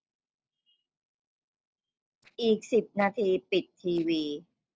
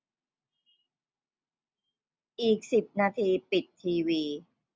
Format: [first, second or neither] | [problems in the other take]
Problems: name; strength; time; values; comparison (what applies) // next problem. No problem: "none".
second | noise reduction (neural separator model SepFormer DNS4)